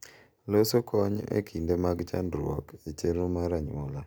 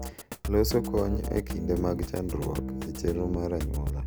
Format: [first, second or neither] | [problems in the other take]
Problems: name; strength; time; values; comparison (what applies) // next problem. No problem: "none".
first | background sound (Drum kit); 3 dB below the speech